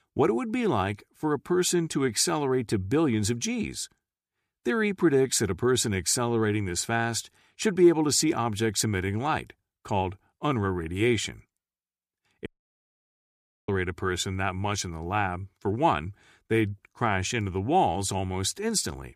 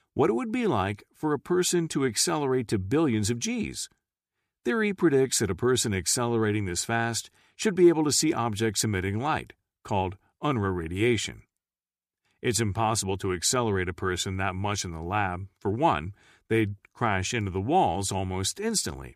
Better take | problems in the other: second | audio cutting out; at 12 s for 1 s

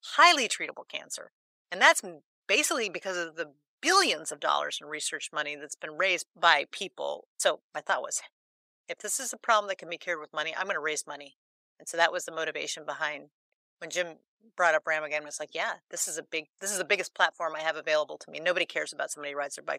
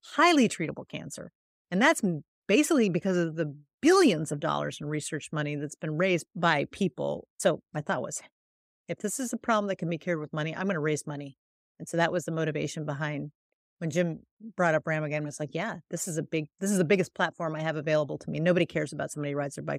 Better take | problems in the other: second | thin; very; fading below 850 Hz

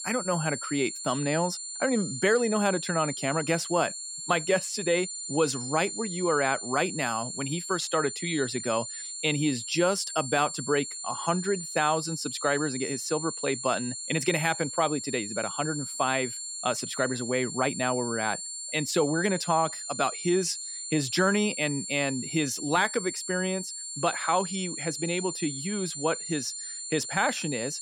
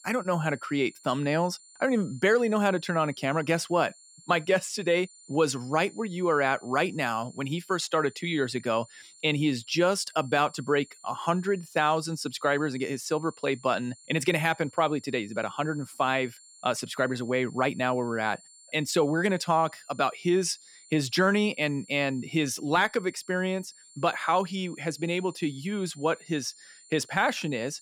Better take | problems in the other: second | high-pitched whine; loud; throughout; 7 kHz, 6 dB below the speech; faint in the second

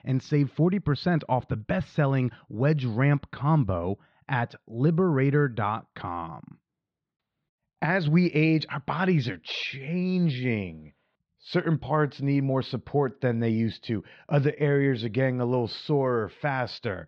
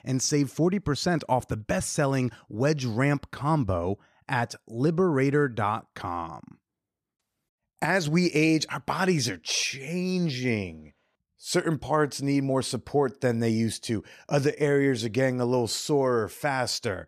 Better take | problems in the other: second | muffled; slightly; fading above 4 kHz

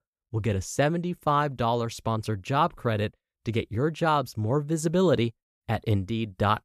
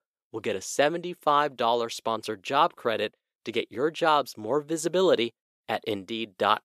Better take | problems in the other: first | thin; somewhat; fading below 400 Hz

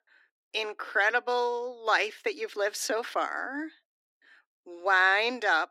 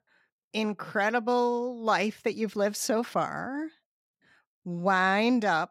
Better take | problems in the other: second | thin; very; fading below 300 Hz

